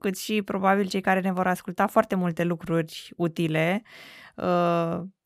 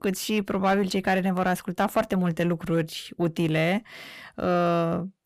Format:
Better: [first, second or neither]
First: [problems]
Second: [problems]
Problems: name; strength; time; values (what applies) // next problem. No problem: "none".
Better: first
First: none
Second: distortion; slight; 10 dB below the speech